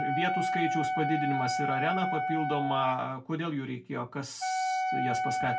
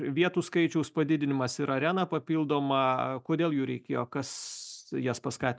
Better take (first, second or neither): second